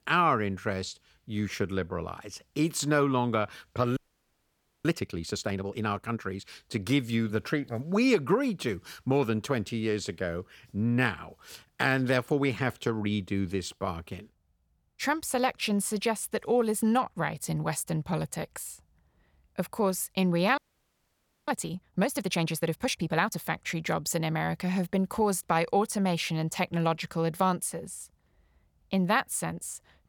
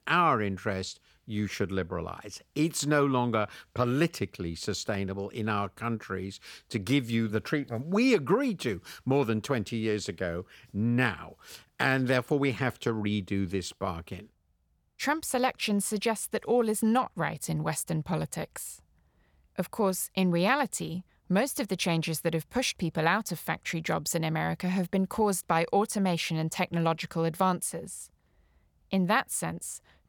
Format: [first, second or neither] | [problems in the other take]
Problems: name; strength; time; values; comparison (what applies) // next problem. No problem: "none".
second | audio freezing; at 4 s for 1 s and at 21 s for 1 s